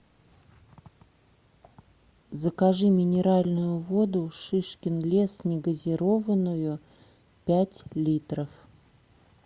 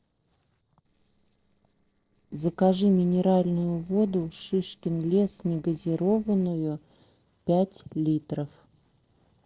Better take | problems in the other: first | noise reduction (neural separator model SepFormer DNS4)

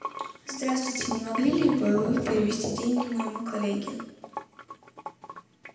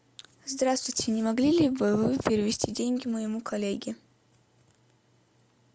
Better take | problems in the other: second | background sound (Sink (filling or washing) / Water); 11 dB below the speech // room echo; dies away in 0.9 s

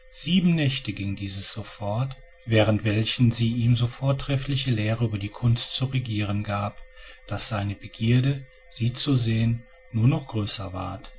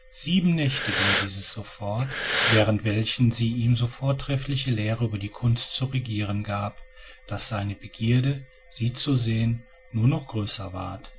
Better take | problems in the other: first | background sound (Breathing); 2 dB below the speech

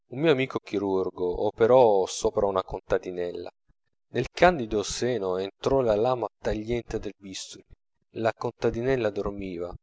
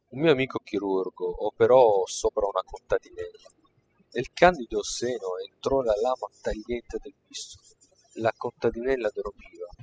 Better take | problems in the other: first | noise reduction (classical method spectral subtraction)

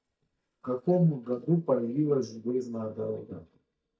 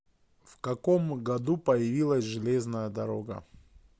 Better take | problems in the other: second | noise reduction (neural mask model DeepFilterNet 3)

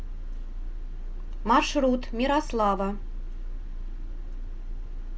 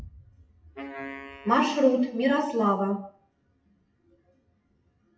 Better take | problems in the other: first | noise reduction (classical method WPE with log-MMSE)

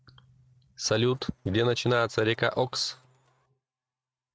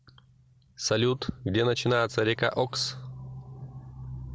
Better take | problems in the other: second | noise reduction (neural mask model RNNoise)

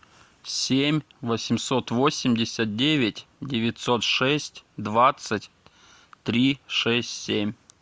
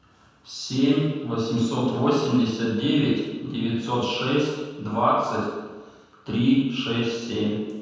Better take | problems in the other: first | room echo; dies away in 1.2 s

